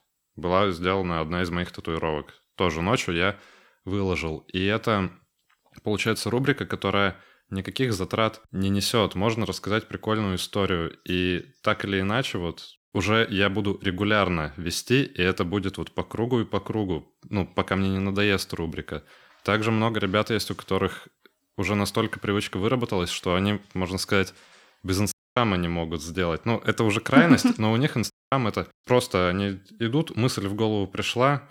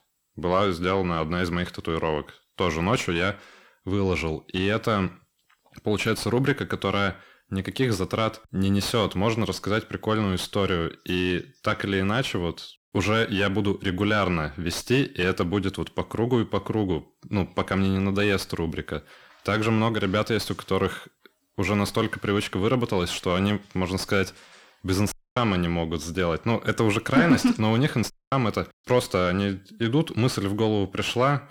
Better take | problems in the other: first | distortion; slight; 10 dB below the speech

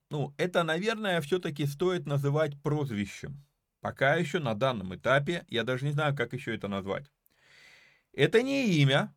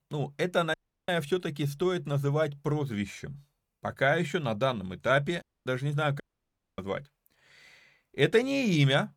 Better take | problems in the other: first | audio cutting out; at 0.5 s, at 5.5 s and at 6 s for 0.5 s

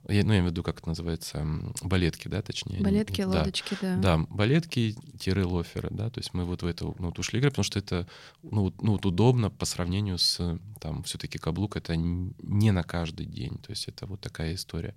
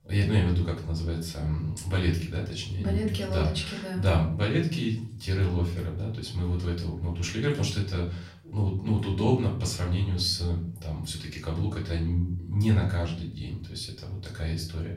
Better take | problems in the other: first | off-mic speech; far // room echo; slight; dies away in 0.4 s

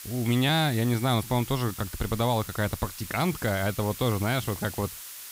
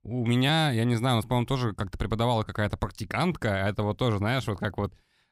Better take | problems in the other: second | hiss; noticeable; throughout; 10 dB below the speech

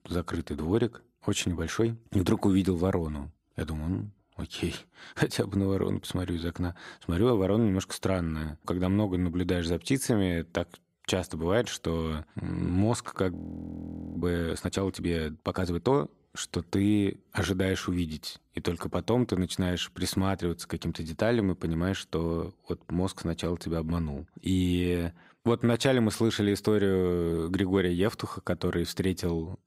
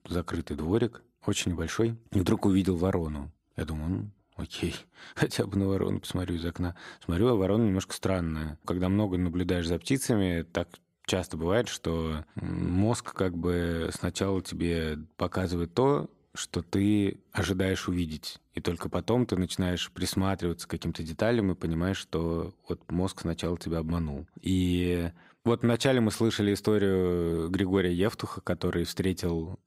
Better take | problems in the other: second | audio freezing; at 13 s for 1 s

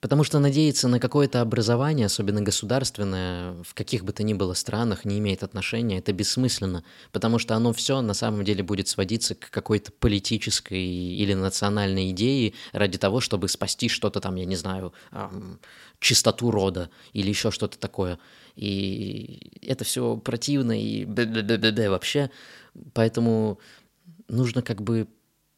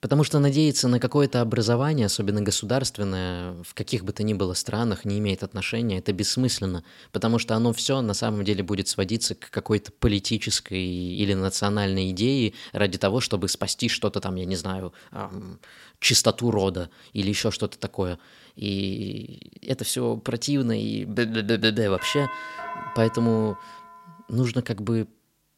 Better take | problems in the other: first | doorbell; noticeable; from 22 to 24 s; peak 7 dB below the speech

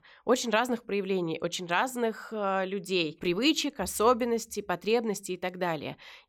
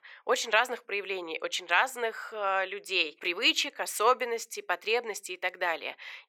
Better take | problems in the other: first | thin; very; fading below 450 Hz

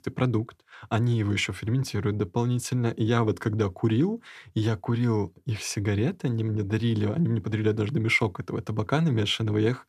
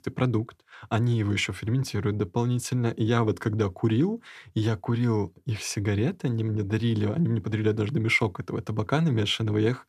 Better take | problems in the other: neither | none

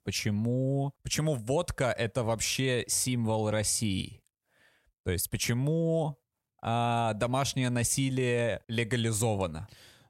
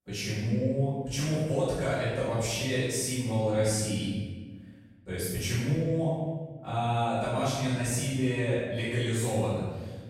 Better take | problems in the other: first | off-mic speech; far // room echo; strong; dies away in 1.2 s

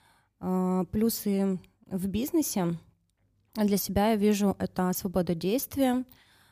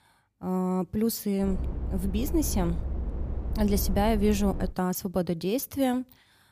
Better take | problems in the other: first | low rumble; noticeable; from 1.5 to 4.5 s; 15 dB below the speech

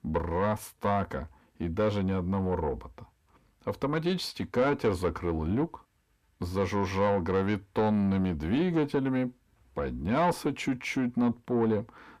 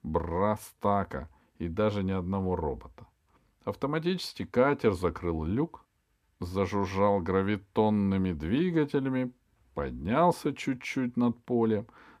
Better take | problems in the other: second | distortion; slight; 10 dB below the speech

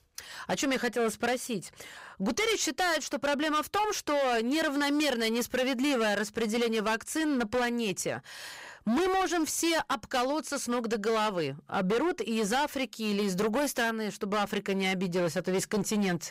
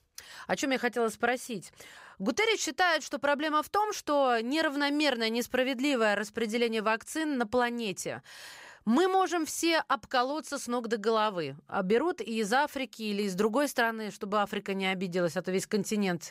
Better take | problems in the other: second | distortion; heavy; 18% of the sound clipped

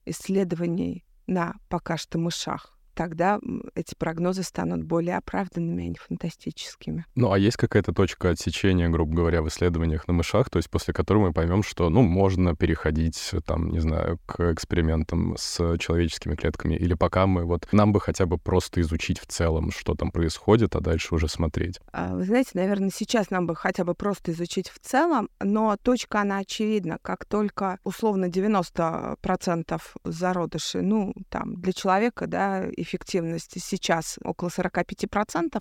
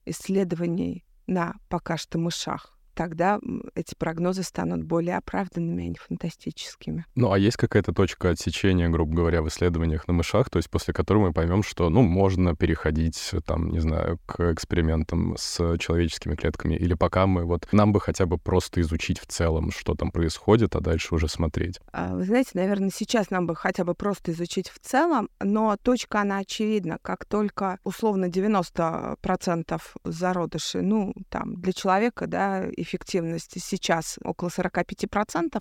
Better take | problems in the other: neither | none

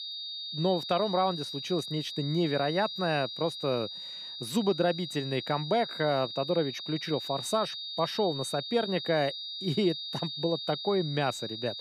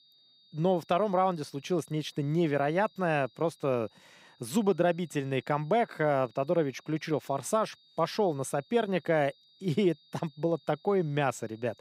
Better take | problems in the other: second | high-pitched whine; loud; throughout; 4 kHz, 6 dB below the speech; faint in the second

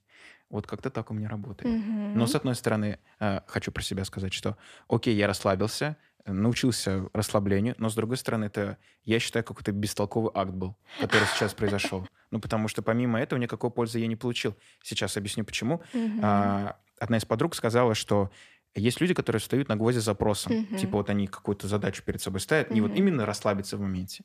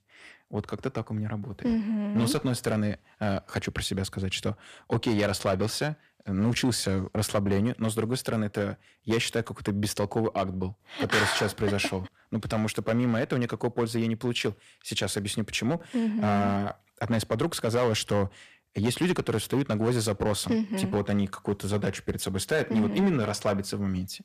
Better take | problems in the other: first | distortion; slight; 4% of the sound clipped

